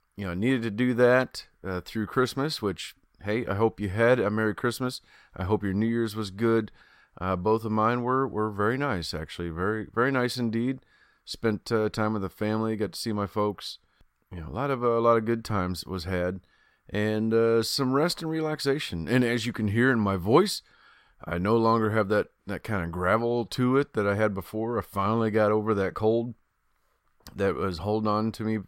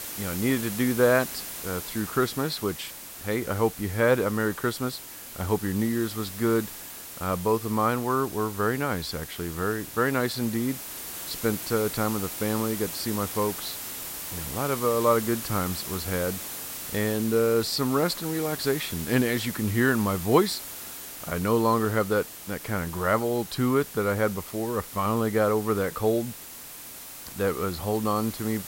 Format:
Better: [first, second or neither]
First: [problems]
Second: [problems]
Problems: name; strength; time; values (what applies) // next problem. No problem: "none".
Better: first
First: none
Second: hiss; loud; throughout; 9 dB below the speech